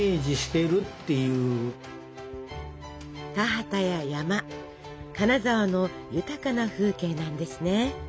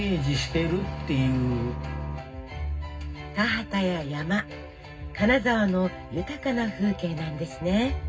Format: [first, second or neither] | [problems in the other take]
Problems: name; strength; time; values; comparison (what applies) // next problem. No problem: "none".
first | background sound (Bowed string instrument); 8 dB below the speech // room echo; dies away in 0.4 s